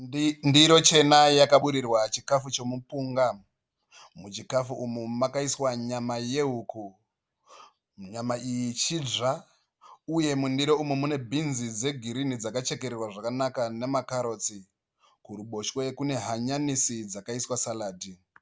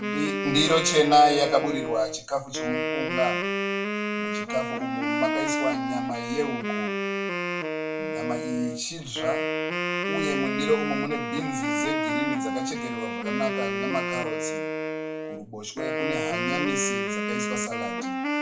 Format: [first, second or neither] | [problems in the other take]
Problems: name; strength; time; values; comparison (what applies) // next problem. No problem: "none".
first | background sound (Wind instrument, woodwind instrument); as loud as the speech // room echo; dies away in 0.3 s